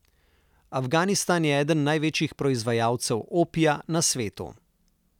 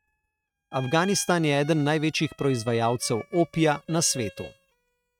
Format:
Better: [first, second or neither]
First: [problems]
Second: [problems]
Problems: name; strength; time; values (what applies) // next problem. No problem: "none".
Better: first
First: none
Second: noise reduction (neural mask model RNNoise)